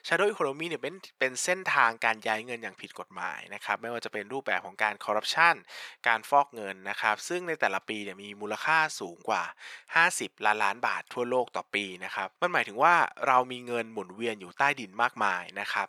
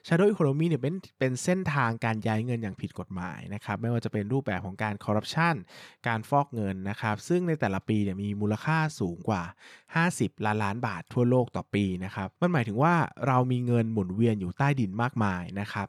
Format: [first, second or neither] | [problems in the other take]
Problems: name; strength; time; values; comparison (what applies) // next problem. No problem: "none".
second | thin; very; fading below 650 Hz